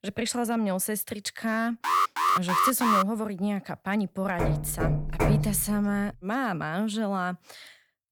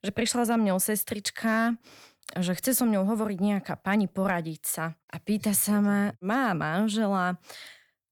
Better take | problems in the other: second | alarm; loud; from 2 to 3 s; peak 6 dB above the speech // door banging; loud; from 4.5 to 6 s; peak 4 dB above the speech

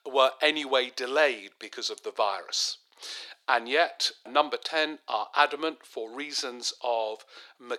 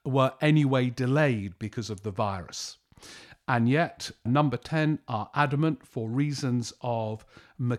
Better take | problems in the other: second | thin; very; fading below 400 Hz

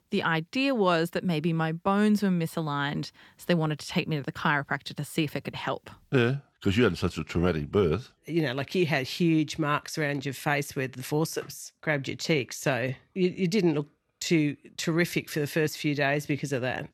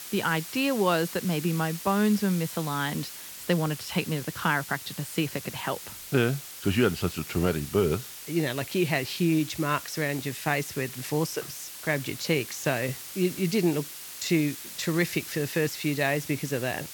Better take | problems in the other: first | hiss; noticeable; throughout; 10 dB below the speech

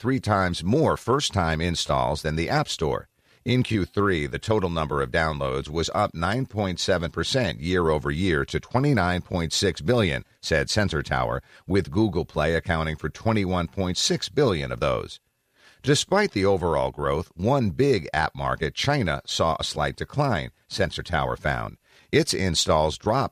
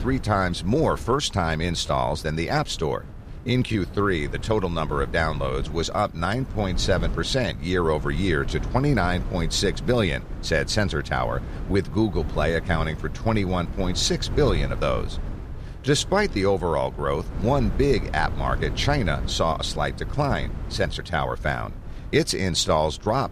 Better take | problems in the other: first | wind noise on the microphone; occasional gusts; 20 dB below the speech

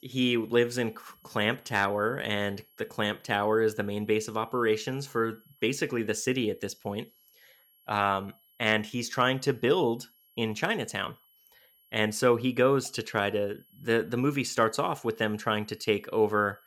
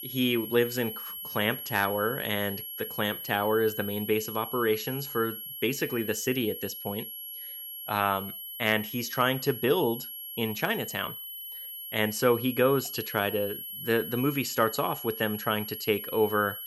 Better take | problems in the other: first | high-pitched whine; loud; throughout; 11.5 kHz, 8 dB below the speech; faint in the first

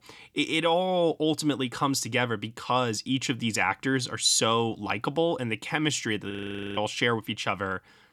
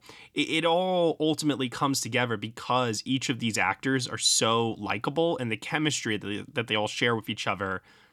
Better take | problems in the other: second | audio freezing; at 6.5 s

